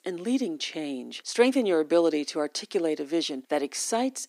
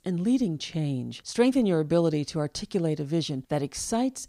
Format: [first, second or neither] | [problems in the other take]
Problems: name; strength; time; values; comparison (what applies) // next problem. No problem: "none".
second | thin; very slightly; fading below 300 Hz